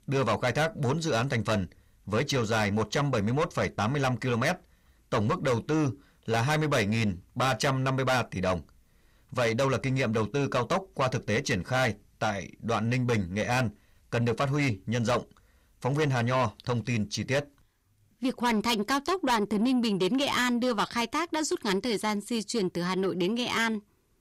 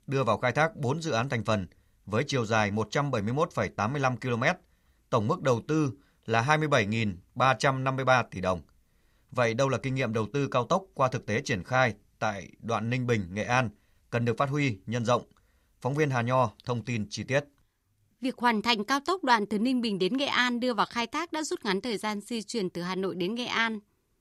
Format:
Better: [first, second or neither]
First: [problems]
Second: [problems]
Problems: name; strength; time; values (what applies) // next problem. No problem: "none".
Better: second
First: distortion; heavy; 8 dB below the speech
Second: none